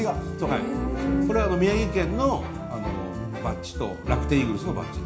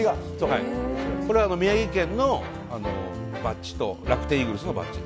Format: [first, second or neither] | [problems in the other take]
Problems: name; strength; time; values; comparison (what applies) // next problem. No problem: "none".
second | background sound (Wind instrument, woodwind instrument); 15 dB below the speech // room echo; dies away in 0.4 s